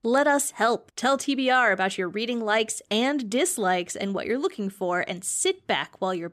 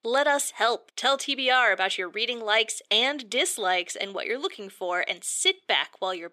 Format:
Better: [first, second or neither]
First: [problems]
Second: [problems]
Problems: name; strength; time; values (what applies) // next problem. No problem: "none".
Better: first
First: none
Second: thin; somewhat; fading below 500 Hz